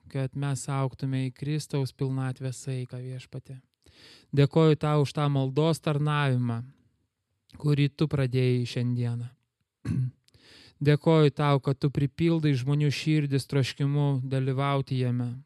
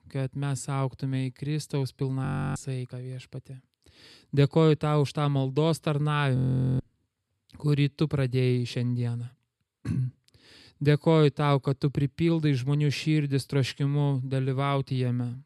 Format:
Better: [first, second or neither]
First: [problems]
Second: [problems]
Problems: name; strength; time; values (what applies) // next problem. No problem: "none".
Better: first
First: none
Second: audio freezing; at 2.5 s and at 6.5 s